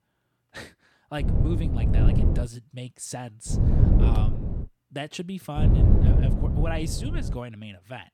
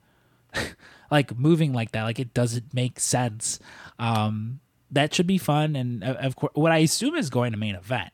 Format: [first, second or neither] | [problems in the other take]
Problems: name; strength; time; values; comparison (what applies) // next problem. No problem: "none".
second | wind noise on the microphone; heavy; from 1 to 2.5 s, from 3.5 to 4.5 s and from 5.5 to 7.5 s; 2 dB above the speech